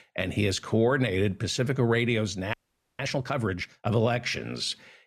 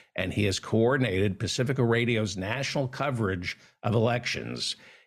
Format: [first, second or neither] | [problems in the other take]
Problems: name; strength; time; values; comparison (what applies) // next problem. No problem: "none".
second | audio freezing; at 2.5 s